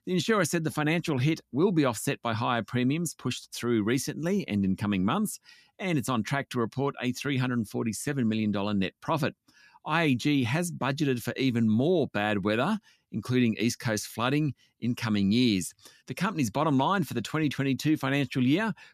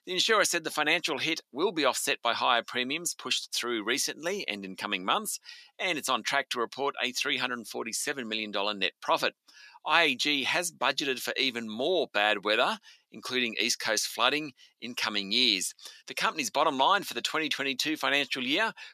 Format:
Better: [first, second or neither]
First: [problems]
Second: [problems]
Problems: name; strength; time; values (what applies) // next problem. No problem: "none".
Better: first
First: none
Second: thin; very; fading below 550 Hz